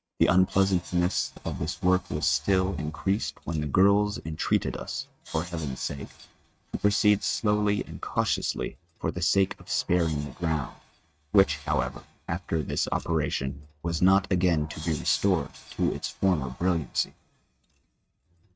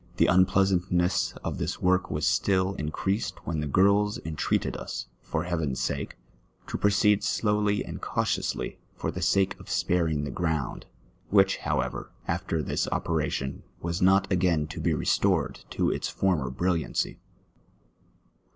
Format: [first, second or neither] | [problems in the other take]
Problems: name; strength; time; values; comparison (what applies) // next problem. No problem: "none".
second | noise reduction (neural mask model RNNoise)